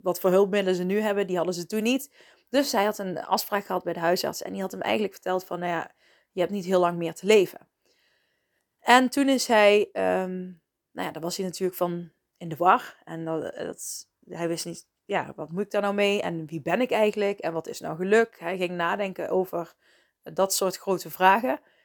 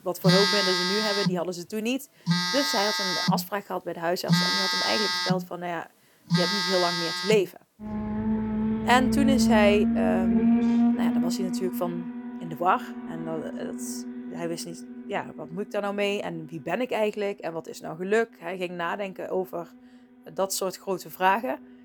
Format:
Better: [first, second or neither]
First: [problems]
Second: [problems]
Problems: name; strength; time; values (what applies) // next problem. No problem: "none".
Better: first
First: none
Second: alarms or sirens; very loud; throughout; 3 dB above the speech